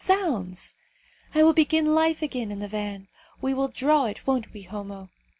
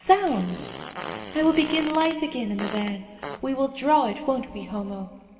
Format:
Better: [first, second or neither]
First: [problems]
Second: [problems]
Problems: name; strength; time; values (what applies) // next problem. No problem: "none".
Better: first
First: none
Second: background sound (Fart); 12 dB below the speech // room echo; dies away in 2 s